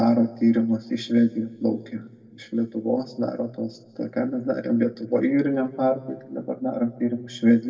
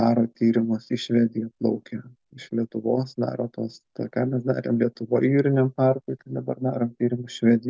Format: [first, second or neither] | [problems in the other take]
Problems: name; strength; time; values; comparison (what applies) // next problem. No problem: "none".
second | room echo; dies away in 1.3 s